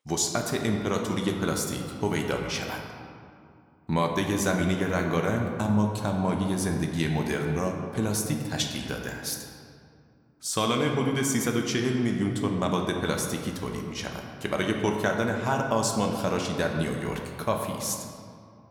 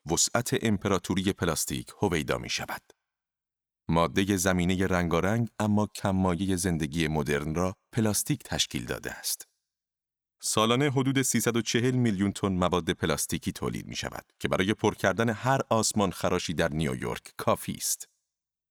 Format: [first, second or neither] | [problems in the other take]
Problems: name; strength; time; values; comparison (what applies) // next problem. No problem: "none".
second | room echo; slight; dies away in 1.8 s